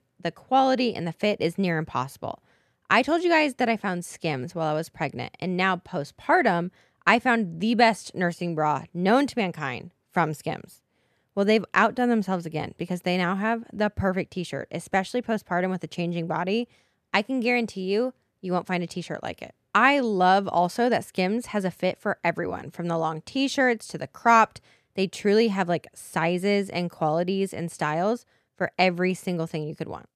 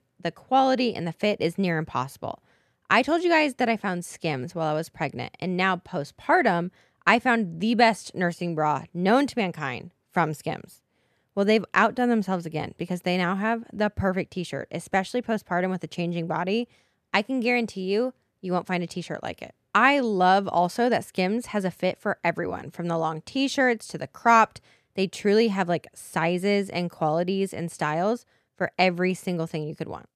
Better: neither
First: none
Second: none

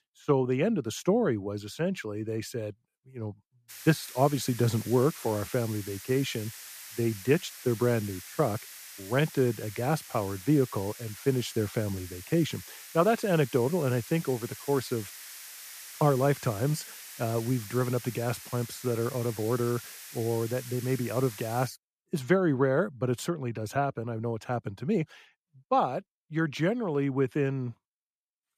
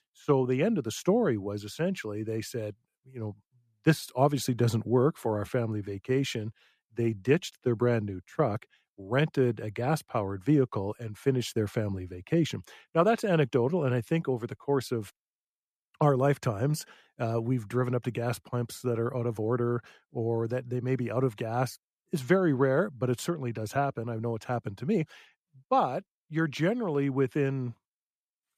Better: second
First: hiss; noticeable; from 3.5 to 22 s; 15 dB below the speech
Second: none

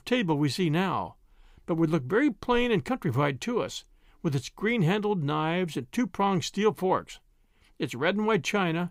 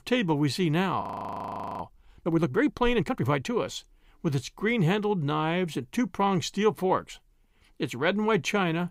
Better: first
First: none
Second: audio freezing; at 1 s for 1 s

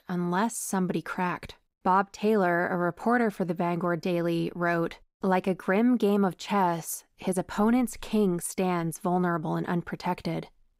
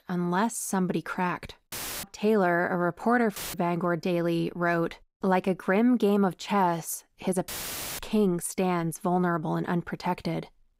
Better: first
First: none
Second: audio cutting out; filled with static; at 1.5 s, at 3.5 s and at 7.5 s for 0.5 s

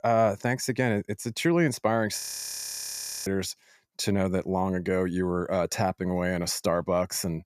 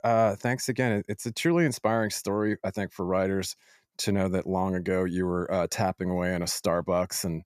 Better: second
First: audio freezing; at 2 s for 1 s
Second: none

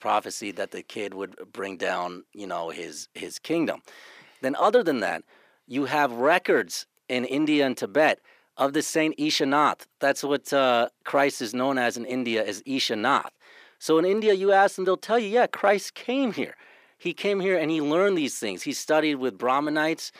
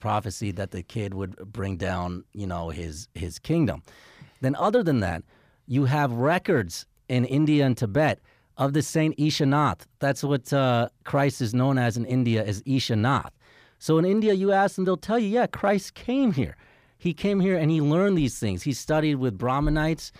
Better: second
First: thin; somewhat; fading below 300 Hz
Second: none

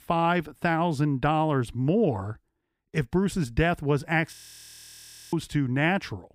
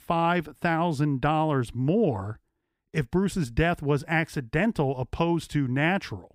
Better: second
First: audio freezing; at 4.5 s for 1 s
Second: none

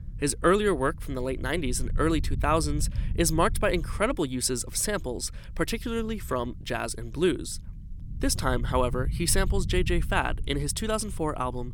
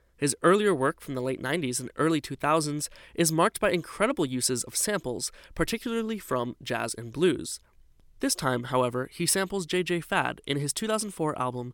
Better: second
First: low rumble; faint; throughout; 25 dB below the speech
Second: none

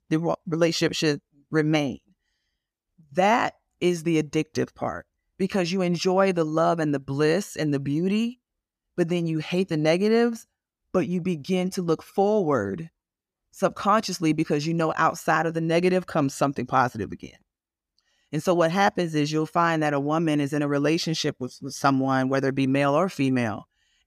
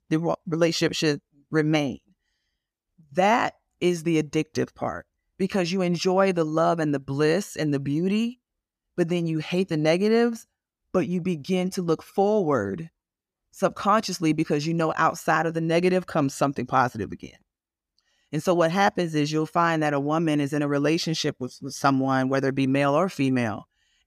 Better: neither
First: none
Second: none

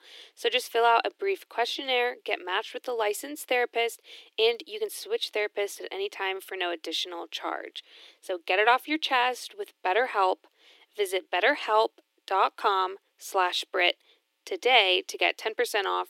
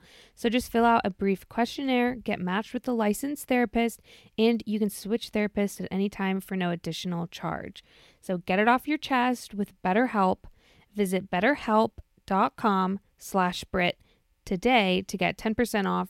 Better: second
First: thin; very; fading below 300 Hz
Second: none

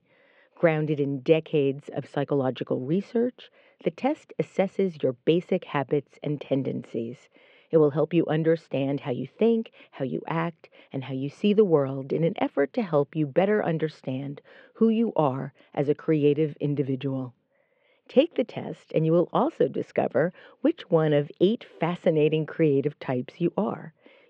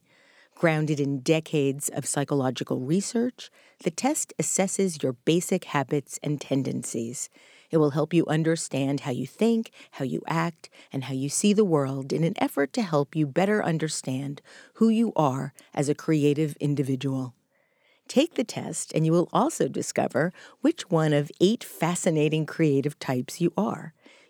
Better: second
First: muffled; very; fading above 3 kHz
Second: none

